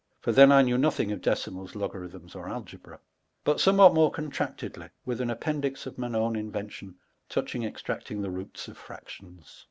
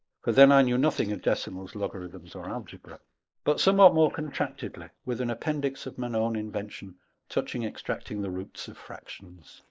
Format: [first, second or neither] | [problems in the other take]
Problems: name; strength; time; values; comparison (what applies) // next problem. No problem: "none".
first | noise reduction (neural mask model Resemble Enhance denoiser)